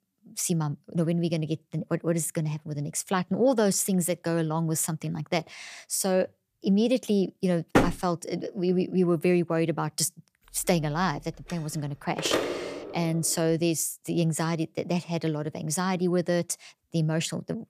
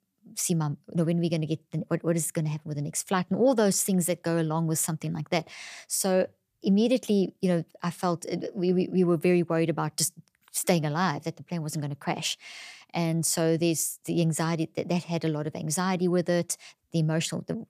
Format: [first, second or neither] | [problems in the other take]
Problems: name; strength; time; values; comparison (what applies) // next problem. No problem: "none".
second | door banging; loud; at 8 s; peak 3 dB above the speech // phone ringing; noticeable; from 11 to 13 s; peak 1 dB below the speech